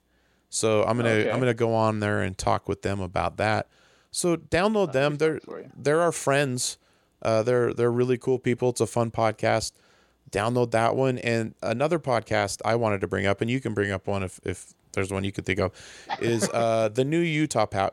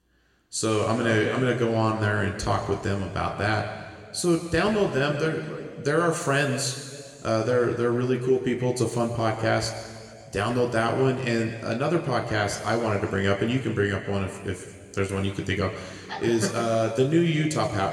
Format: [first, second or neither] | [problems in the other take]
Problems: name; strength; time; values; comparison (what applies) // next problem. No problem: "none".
first | room echo; noticeable; dies away in 2 s